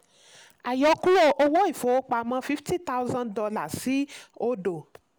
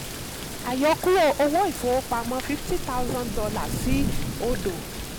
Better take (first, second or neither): first